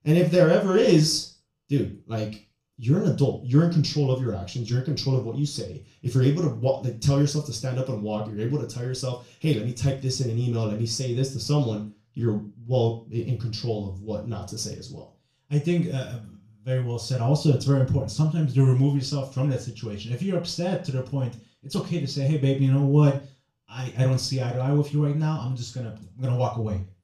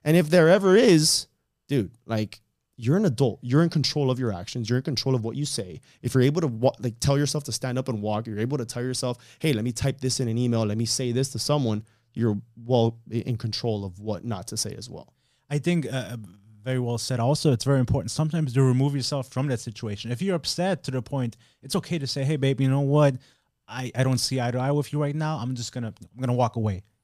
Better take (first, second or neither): second